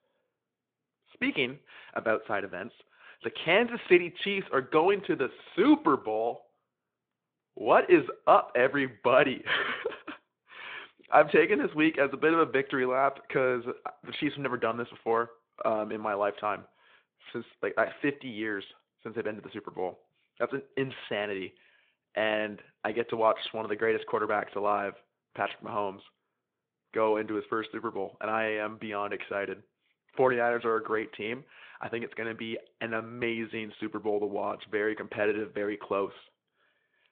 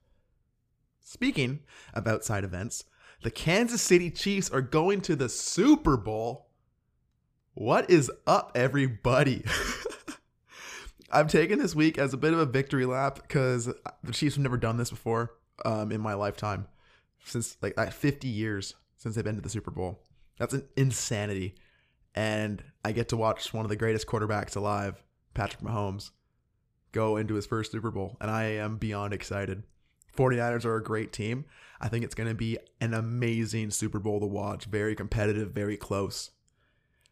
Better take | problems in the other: second | phone-call audio; nothing above 3.5 kHz

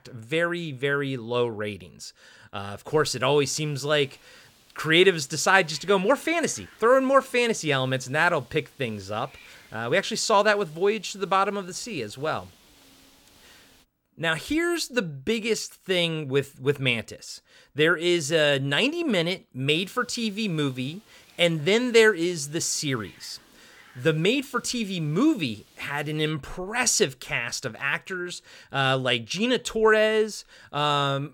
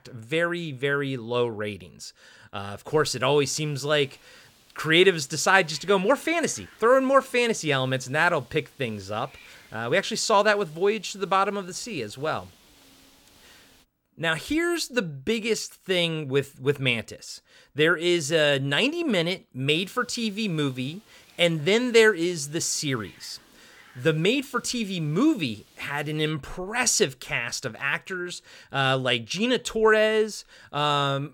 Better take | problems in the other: neither | hiss; faint; from 3 to 14 s and from 20 to 26 s; 30 dB below the speech; the same in both

